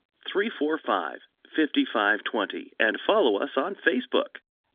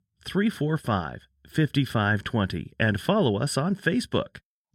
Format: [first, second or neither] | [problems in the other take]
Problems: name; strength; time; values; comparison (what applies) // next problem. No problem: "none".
second | phone-call audio; nothing above 3.5 kHz